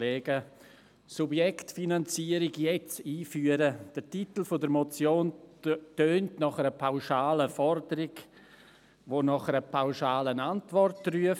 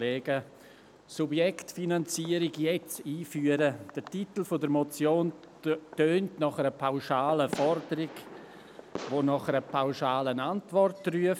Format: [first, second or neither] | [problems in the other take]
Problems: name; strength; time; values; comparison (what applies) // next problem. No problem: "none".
first | background sound (Fireworks); 18 dB below the speech